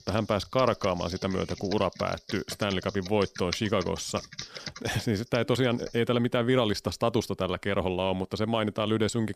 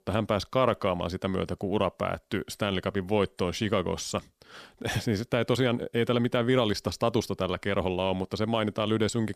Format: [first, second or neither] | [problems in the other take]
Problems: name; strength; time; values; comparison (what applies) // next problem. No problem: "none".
second | keyboard typing; noticeable; until 6 s; peak 8 dB below the speech